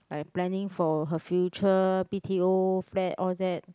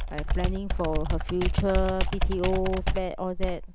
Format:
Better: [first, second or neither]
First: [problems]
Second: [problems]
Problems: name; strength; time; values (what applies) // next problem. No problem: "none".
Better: first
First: none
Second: background sound (Computer keyboard); 3 dB above the speech